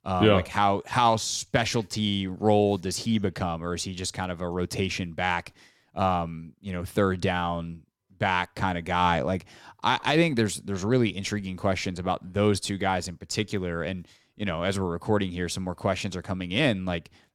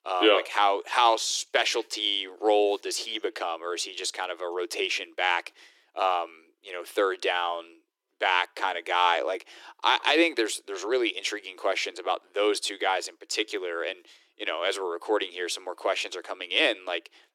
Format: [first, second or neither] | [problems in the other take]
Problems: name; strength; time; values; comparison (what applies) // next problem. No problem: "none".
first | thin; very; fading below 350 Hz